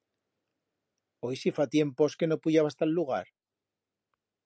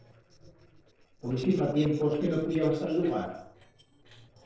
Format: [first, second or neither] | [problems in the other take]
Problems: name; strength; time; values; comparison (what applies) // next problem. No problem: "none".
first | noise reduction (neural separator model SepFormer DNS4)